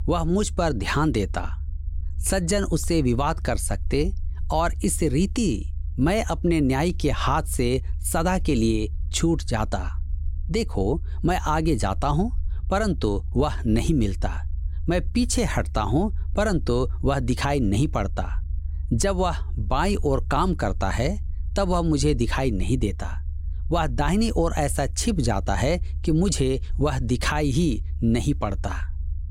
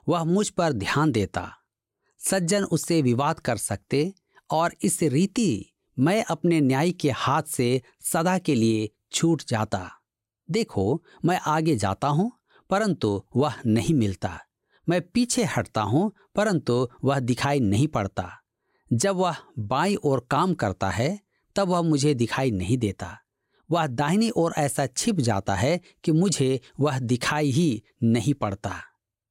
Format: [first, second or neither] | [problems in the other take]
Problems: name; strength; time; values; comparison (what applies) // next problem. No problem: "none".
second | low rumble; faint; throughout; 25 dB below the speech